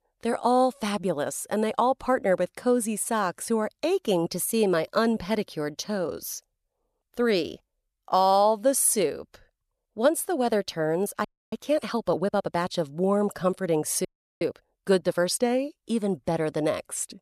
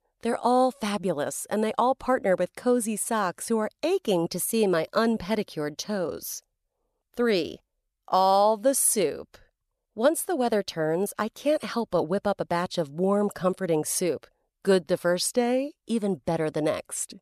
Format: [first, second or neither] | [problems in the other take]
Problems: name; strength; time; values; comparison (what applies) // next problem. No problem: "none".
second | audio freezing; at 11 s and at 14 s